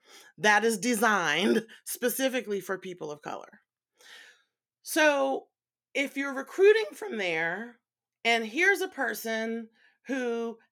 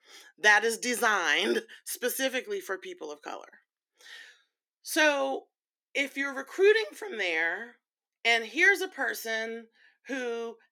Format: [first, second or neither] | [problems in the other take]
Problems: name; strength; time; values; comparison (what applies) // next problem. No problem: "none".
first | thin; very slightly; fading below 300 Hz